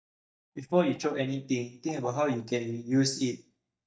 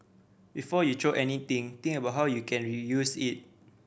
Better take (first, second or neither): second